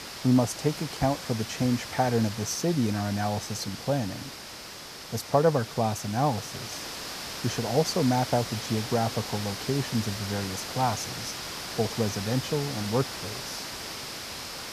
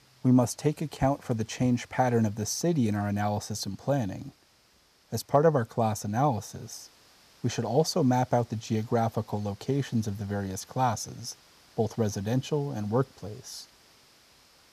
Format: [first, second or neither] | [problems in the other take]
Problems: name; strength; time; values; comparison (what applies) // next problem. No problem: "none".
second | hiss; loud; throughout; 7 dB below the speech; faint in the second